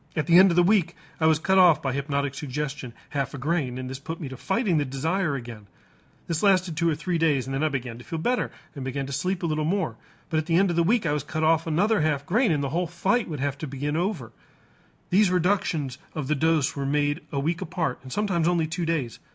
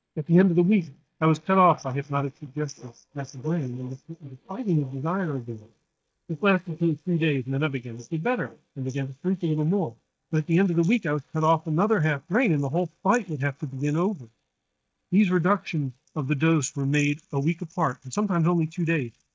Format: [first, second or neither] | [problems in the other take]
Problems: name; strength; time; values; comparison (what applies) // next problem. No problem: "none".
first | noise reduction (neural mask model DeepFilterNet 3)